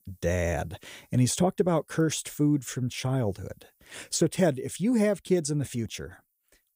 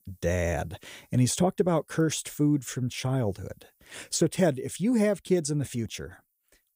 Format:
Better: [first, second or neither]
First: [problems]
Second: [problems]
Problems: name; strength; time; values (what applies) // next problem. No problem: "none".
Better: neither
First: none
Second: none